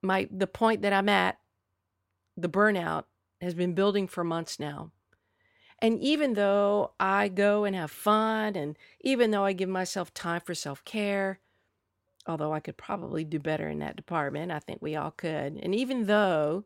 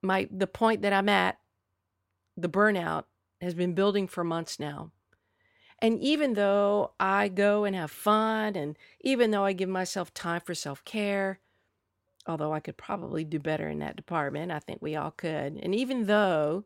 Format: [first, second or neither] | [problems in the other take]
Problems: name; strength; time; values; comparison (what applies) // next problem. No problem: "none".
neither | none